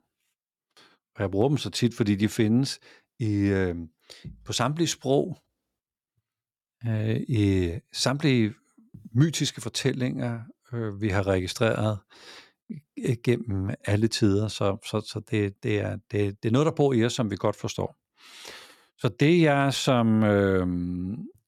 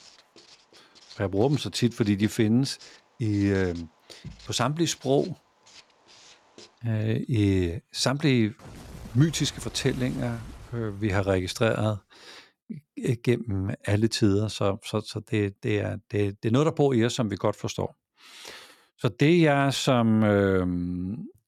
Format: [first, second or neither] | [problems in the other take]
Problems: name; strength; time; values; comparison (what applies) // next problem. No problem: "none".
first | household noises; faint; until 11 s; 25 dB below the speech